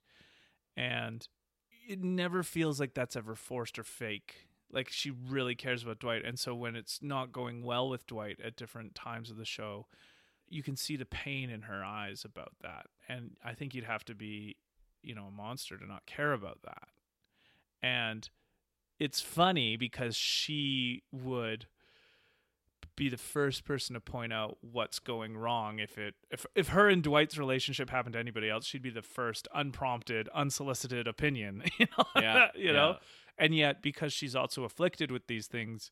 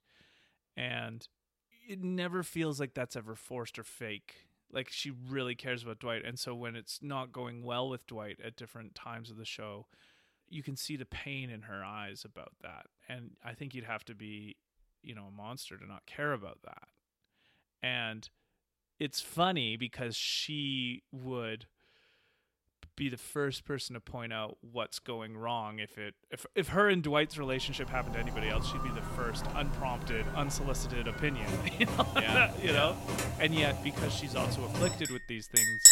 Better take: first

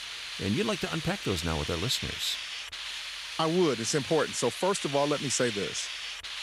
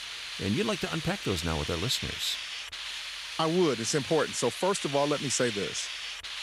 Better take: neither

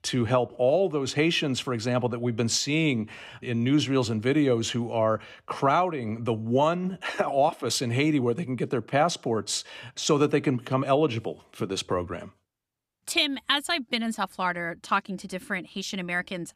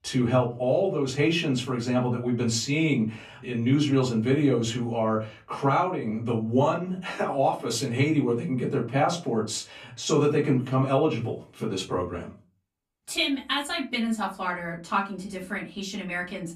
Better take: first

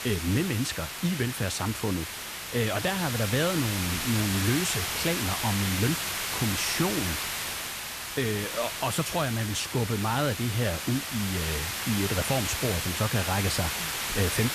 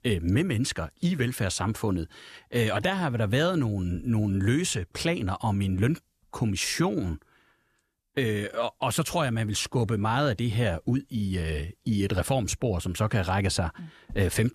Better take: second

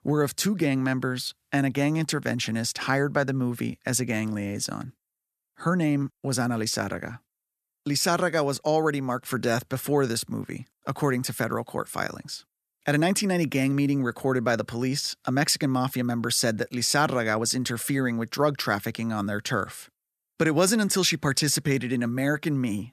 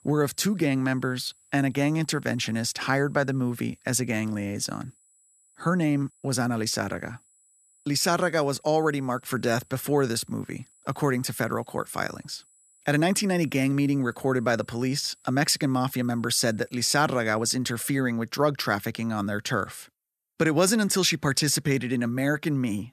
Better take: first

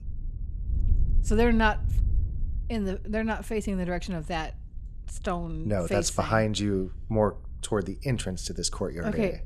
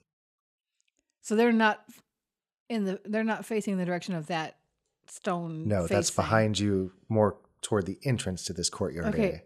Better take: second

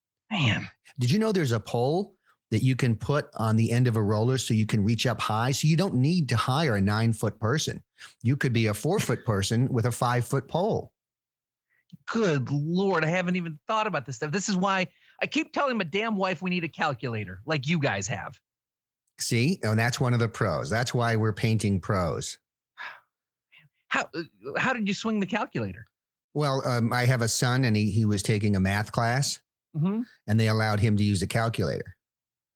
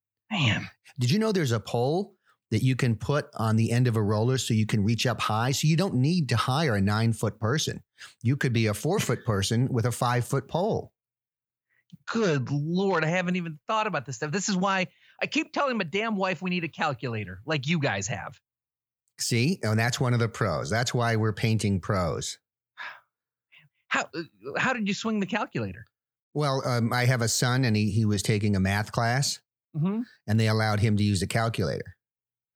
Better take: second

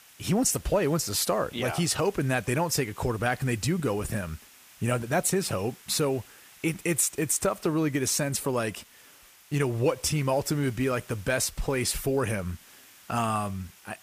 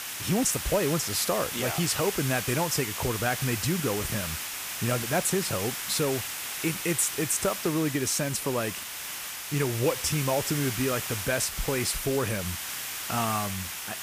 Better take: first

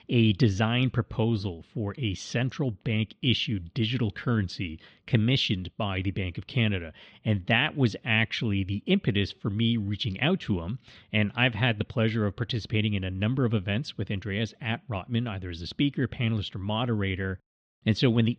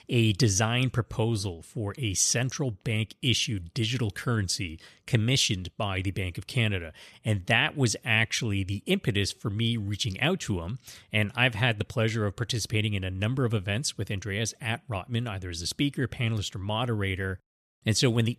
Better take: second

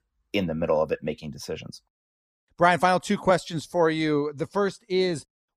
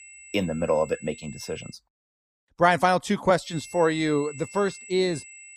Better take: first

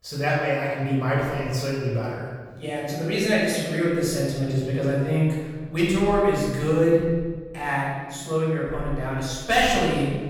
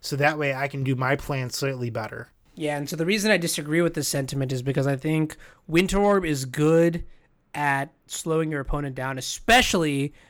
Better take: second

